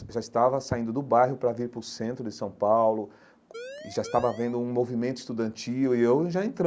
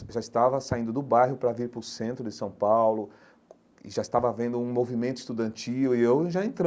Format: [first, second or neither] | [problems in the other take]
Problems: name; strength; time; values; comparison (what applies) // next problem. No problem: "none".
second | background sound (Siren); 14 dB below the speech